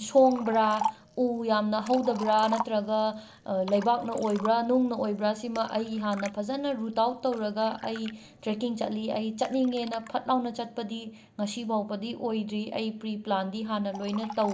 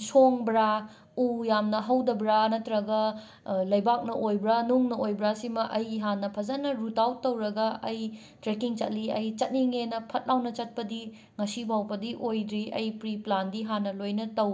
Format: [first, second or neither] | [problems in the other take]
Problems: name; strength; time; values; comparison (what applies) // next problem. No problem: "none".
second | background sound (Liquid); 14 dB below the speech